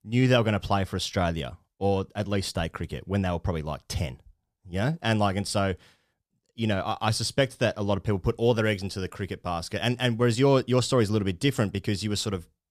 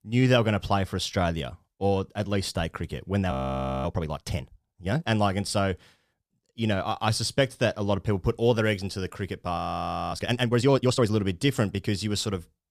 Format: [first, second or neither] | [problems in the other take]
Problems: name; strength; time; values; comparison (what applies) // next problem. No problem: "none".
first | audio freezing; at 3.5 s for 0.5 s and at 9.5 s for 0.5 s